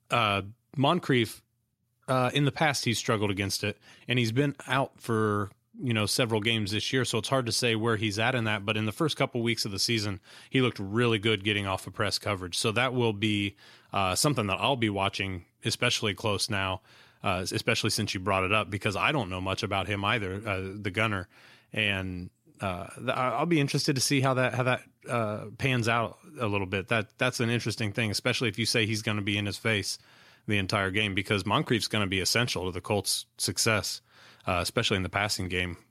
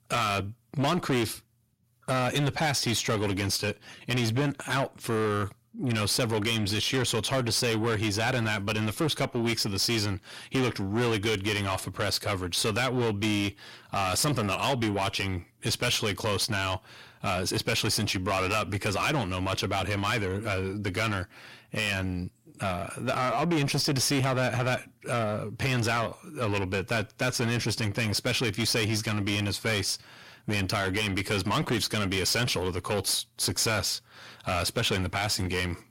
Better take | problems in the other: first | distortion; heavy; 6 dB below the speech

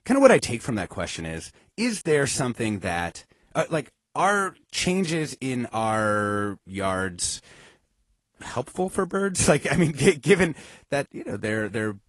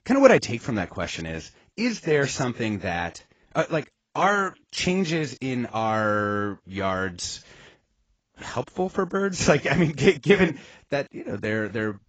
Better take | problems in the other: first | garbled, watery; badly; nothing above 7.5 kHz; slightly in the first

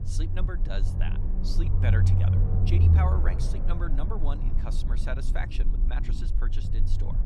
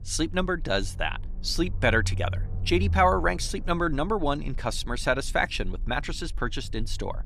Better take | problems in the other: second | low rumble; loud; throughout; 2 dB below the speech; faint in the second

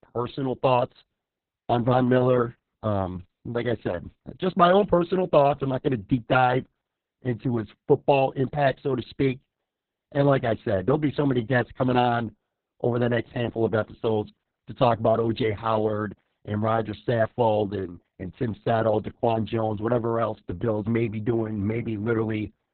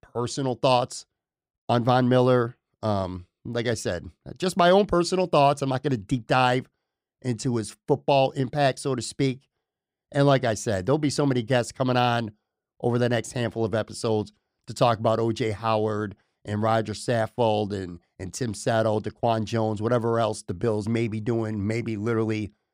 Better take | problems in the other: second | garbled, watery; badly; nothing above 4 kHz

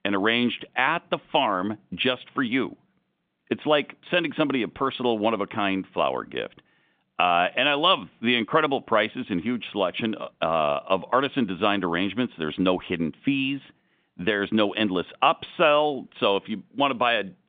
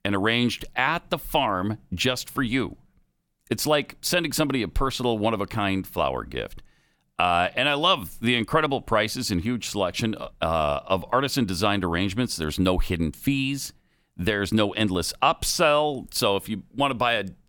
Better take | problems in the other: second | phone-call audio; nothing above 3.5 kHz

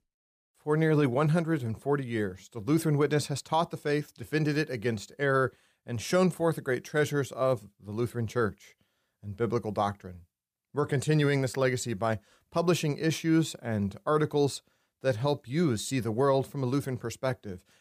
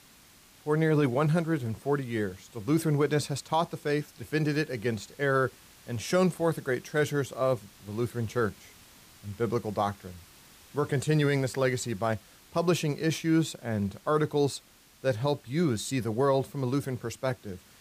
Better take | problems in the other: first | hiss; faint; throughout; 25 dB below the speech

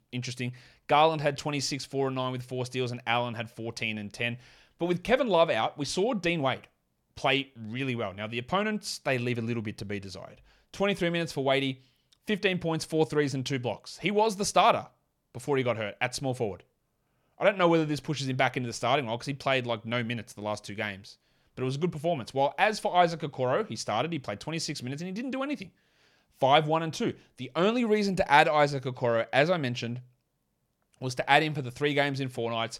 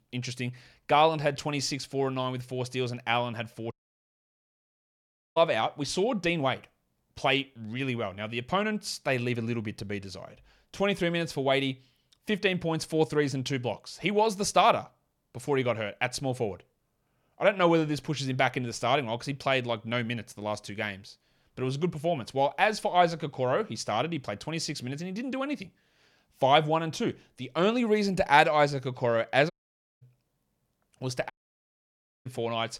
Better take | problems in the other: first | audio cutting out; at 3.5 s for 1.5 s, at 30 s for 0.5 s and at 31 s for 1 s

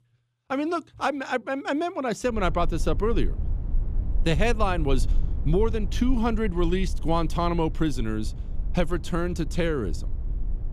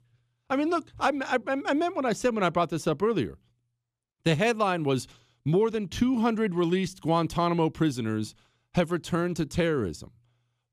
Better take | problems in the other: second | low rumble; faint; from 2.5 s on; 20 dB below the speech

